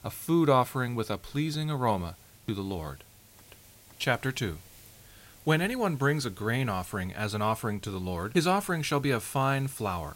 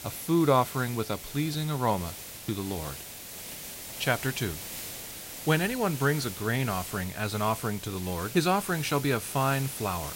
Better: first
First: hiss; faint; throughout; 25 dB below the speech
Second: hiss; loud; throughout; 10 dB below the speech

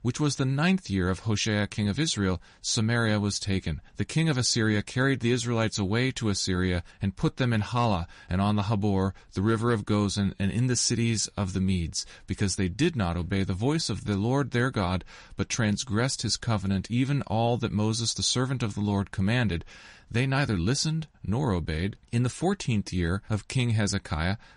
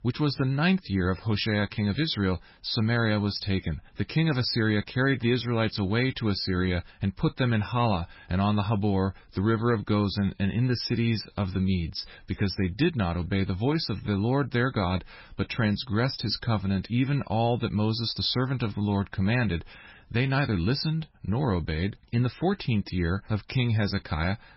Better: first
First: garbled, watery; slightly; nothing above 10.5 kHz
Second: garbled, watery; badly; nothing above 5.5 kHz

